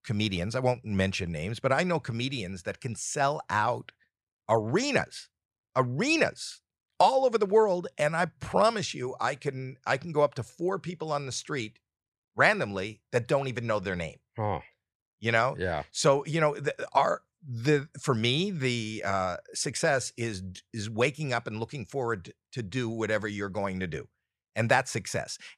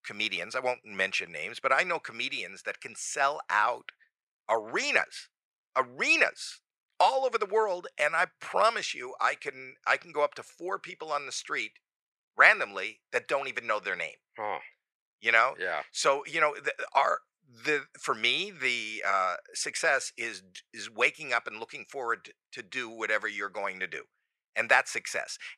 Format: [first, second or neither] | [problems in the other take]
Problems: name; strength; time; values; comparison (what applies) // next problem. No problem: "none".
first | thin; very; fading below 500 Hz